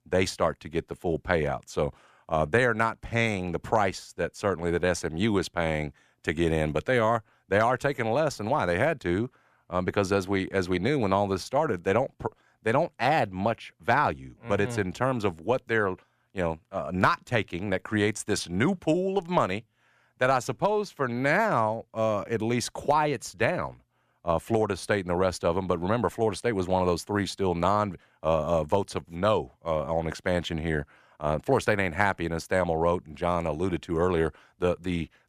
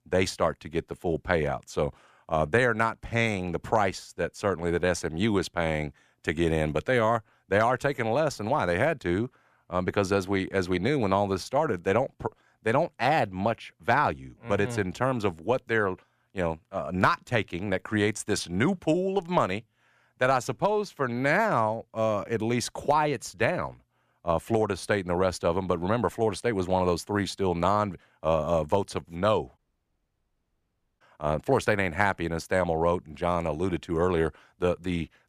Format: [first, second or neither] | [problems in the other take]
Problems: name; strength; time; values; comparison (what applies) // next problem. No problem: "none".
first | audio cutting out; at 30 s for 1.5 s